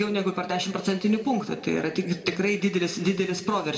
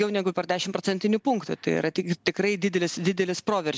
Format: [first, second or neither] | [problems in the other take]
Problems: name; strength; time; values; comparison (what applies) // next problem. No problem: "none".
second | room echo; dies away in 1.9 s